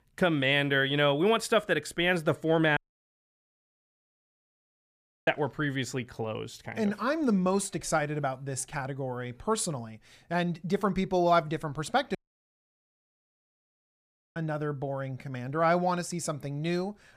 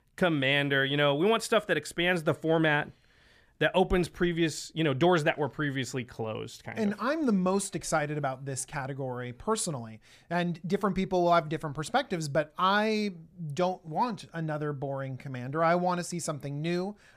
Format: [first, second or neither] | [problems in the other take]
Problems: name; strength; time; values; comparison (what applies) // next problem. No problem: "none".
second | audio cutting out; at 3 s for 2.5 s and at 12 s for 2 s